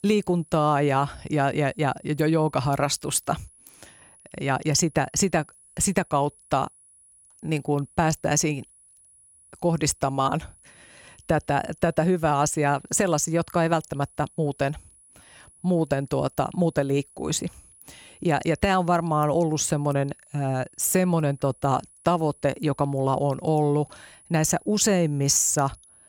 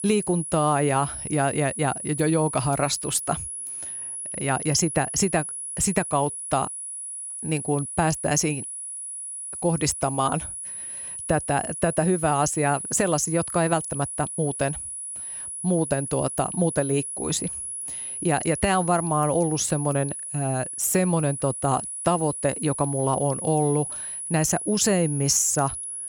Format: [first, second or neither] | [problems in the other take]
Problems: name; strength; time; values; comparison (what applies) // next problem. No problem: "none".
first | high-pitched whine; loud; throughout; 10.5 kHz, 6 dB below the speech; faint in the first